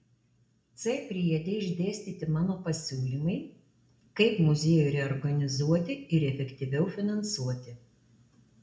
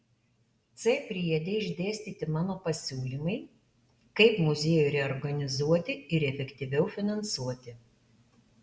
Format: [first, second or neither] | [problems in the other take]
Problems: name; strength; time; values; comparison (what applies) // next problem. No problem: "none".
second | room echo; dies away in 0.4 s